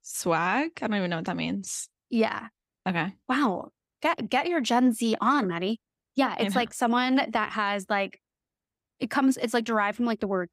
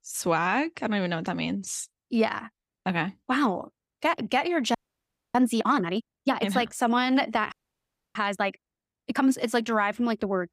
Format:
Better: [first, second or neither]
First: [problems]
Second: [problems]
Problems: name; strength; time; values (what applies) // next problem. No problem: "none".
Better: first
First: none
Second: audio freezing; at 5 s for 0.5 s and at 7.5 s for 0.5 s